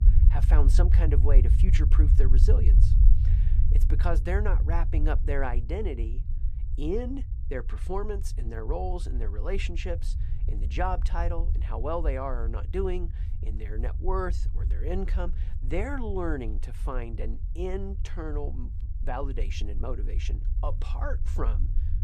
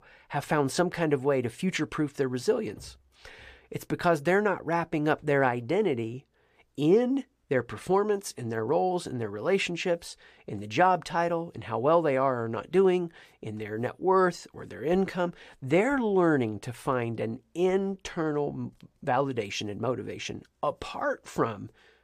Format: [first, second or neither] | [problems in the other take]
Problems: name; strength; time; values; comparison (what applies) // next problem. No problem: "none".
second | low rumble; noticeable; throughout; 10 dB below the speech